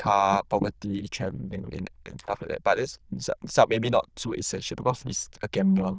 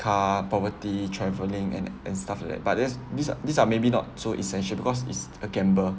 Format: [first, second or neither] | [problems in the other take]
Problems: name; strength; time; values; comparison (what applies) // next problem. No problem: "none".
second | noise reduction (neural diffusion model UNIVERSE++)